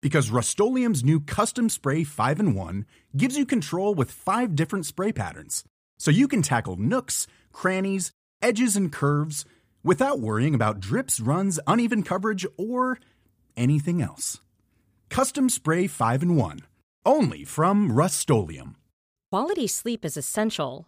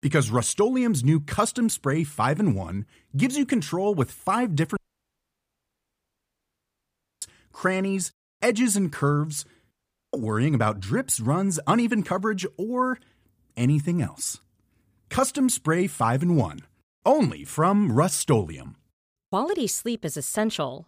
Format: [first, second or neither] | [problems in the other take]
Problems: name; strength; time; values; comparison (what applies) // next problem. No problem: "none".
first | audio cutting out; at 5 s for 2.5 s and at 9.5 s